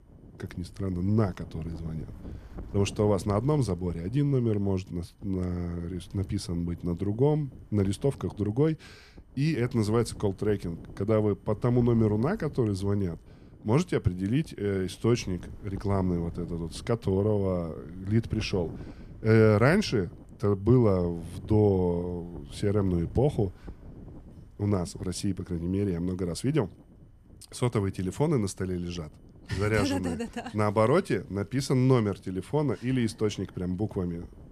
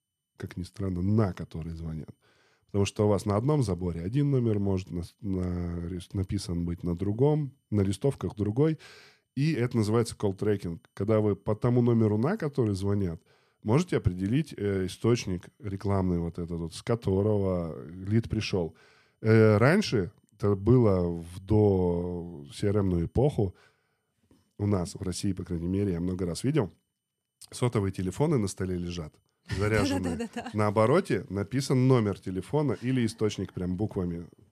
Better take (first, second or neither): second